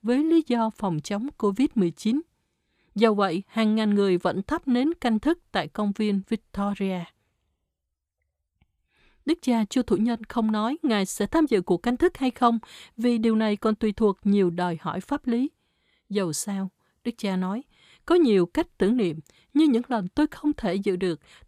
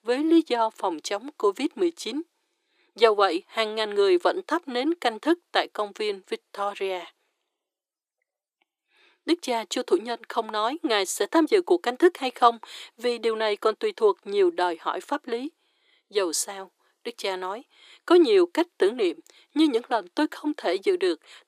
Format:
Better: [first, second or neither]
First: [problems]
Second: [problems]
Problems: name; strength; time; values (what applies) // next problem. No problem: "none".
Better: first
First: none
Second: thin; very; fading below 350 Hz